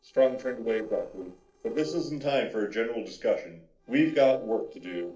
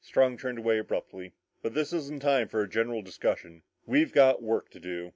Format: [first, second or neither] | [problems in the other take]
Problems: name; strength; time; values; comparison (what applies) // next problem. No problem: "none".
second | noise reduction (neural separator model SepFormer DNS4)